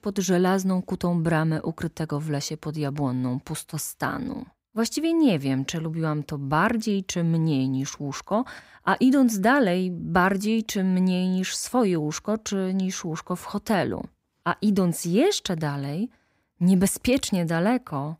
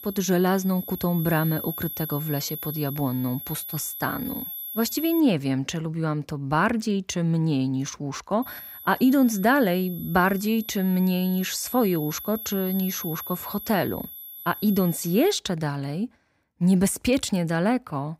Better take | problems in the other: first | high-pitched whine; loud; until 5 s and from 8.5 to 15 s; 12 kHz, 10 dB below the speech

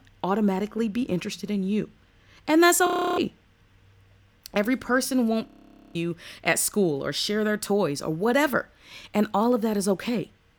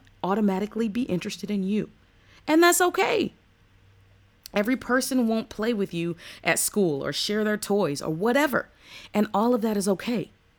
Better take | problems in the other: second | audio freezing; at 3 s and at 5.5 s

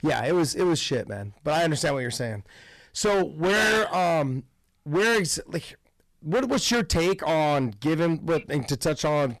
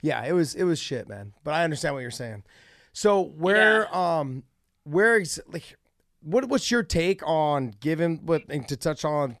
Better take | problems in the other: second | distortion; heavy; 17% of the sound clipped

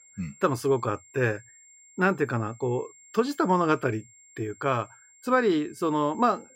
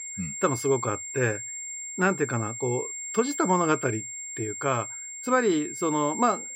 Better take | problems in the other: first | high-pitched whine; loud; throughout; 7.5 kHz, 7 dB below the speech; faint in the first

